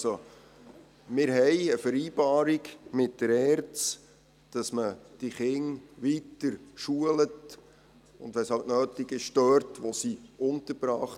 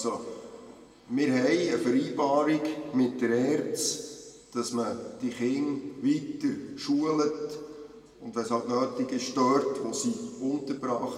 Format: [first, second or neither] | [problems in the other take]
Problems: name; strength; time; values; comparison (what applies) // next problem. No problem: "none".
first | room echo; dies away in 1.6 s